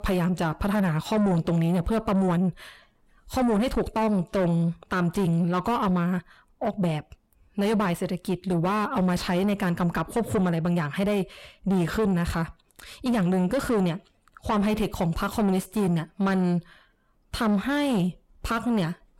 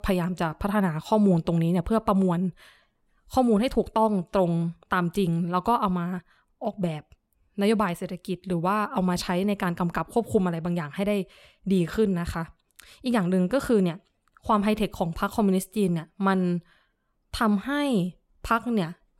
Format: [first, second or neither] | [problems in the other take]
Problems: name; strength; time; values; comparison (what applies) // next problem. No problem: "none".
second | distortion; heavy; 8 dB below the speech